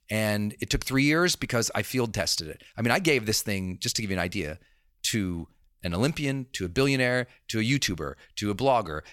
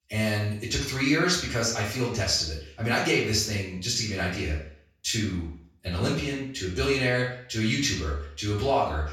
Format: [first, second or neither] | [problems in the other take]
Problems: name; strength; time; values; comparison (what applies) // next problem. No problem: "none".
first | room echo; noticeable; dies away in 0.5 s // off-mic speech; far